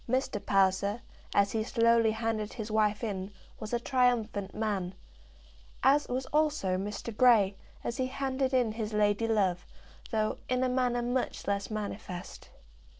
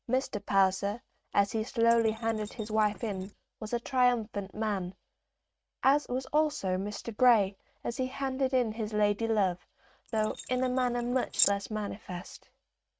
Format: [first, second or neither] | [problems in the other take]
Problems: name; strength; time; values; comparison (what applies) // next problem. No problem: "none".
first | noise reduction (neural mask model RNNoise)